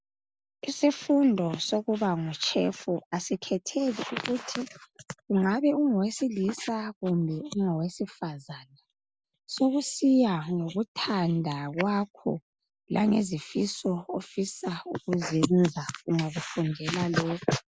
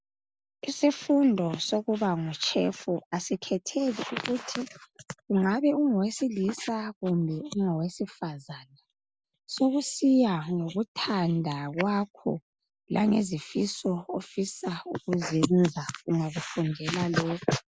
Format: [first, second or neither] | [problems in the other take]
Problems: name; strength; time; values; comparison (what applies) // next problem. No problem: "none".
second | background sound (Snare drum); 19 dB below the speech